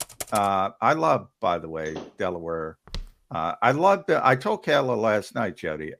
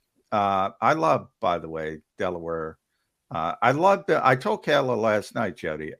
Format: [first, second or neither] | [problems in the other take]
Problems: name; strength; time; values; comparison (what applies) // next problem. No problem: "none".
second | keyboard typing; noticeable; at the start; peak 9 dB below the speech // door banging; faint; at 2 s; peak 15 dB below the speech // footsteps; faint; at 3 s; peak 15 dB below the speech